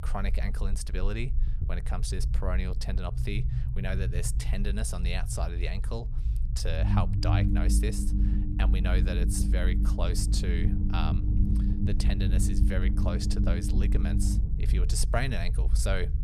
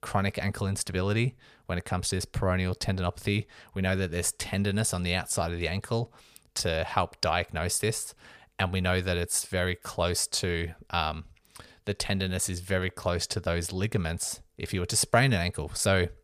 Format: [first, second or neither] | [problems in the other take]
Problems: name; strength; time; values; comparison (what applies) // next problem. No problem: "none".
second | low rumble; loud; throughout; 6 dB below the speech